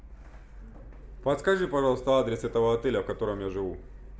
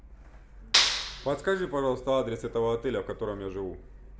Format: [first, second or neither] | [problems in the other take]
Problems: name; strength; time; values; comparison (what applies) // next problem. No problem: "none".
first | background sound (Clapping); 3 dB above the speech